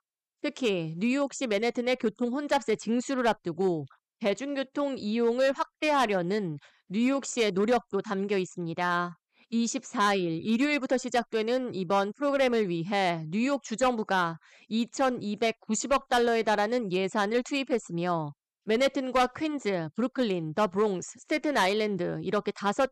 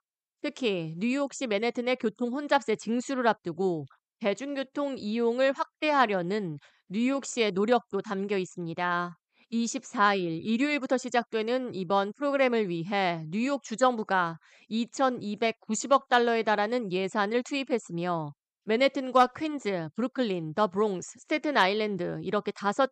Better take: second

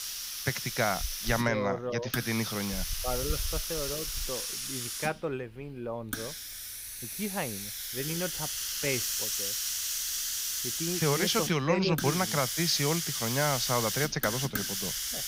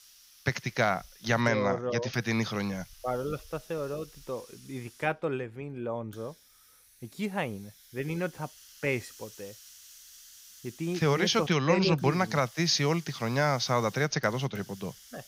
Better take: second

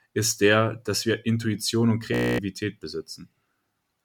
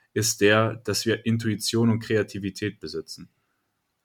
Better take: second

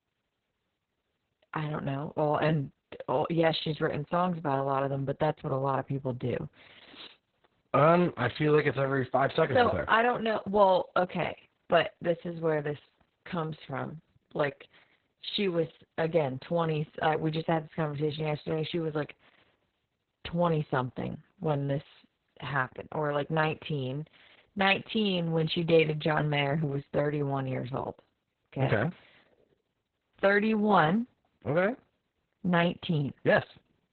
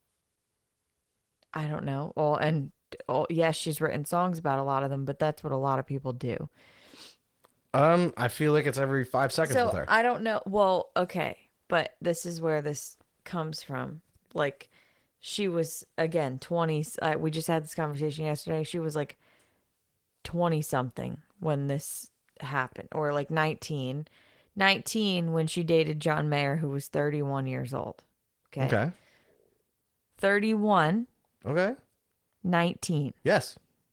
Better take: second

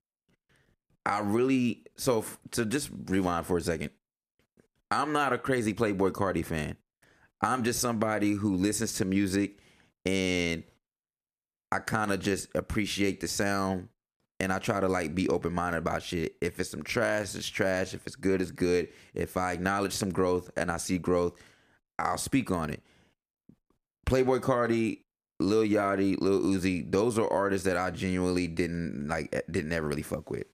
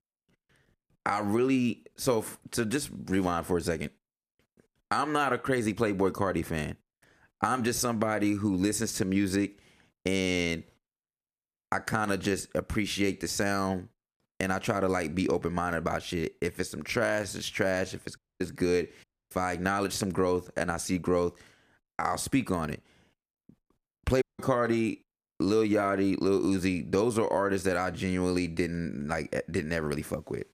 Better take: first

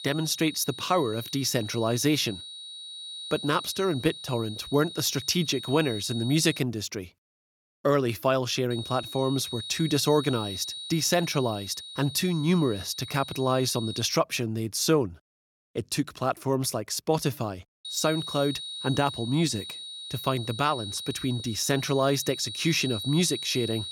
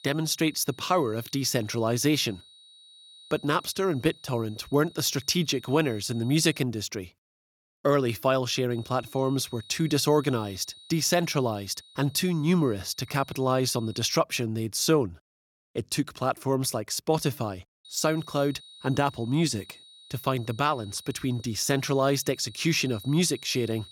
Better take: second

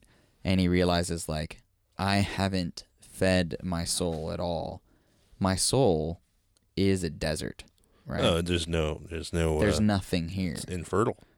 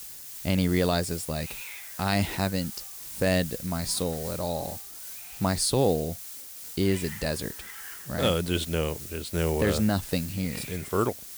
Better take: first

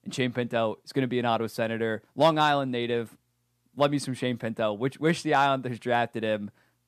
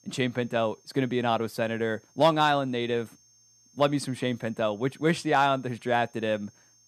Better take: first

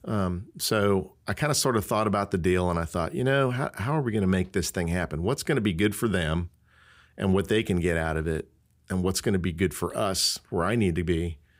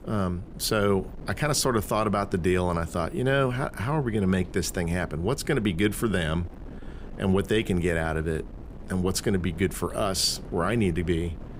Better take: first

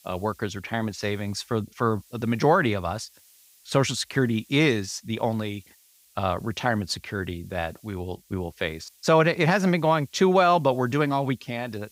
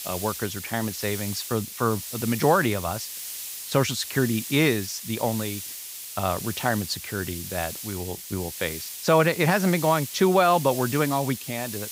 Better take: first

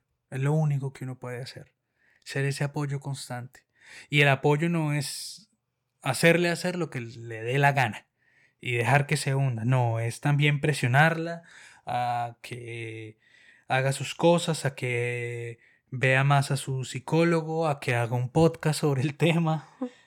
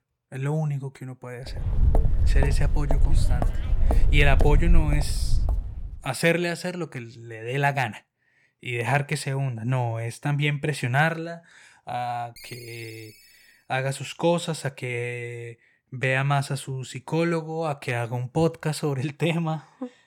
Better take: first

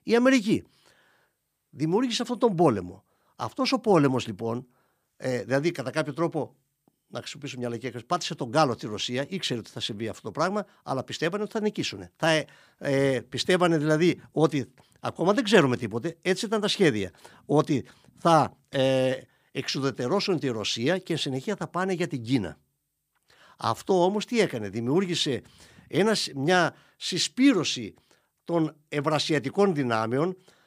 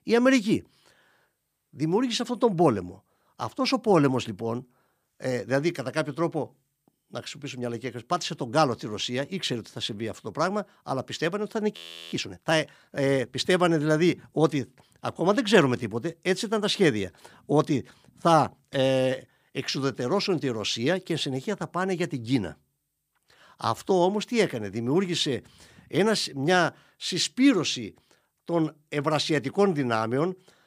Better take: first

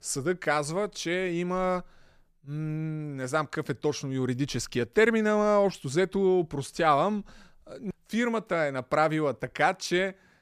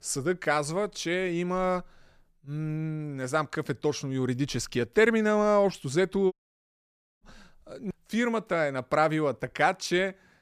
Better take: first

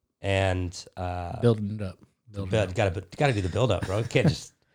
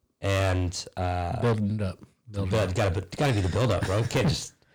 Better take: first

